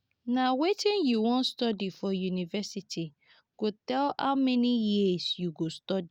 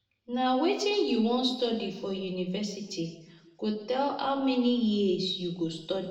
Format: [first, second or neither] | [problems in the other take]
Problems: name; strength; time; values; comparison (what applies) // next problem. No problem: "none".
first | room echo; dies away in 0.9 s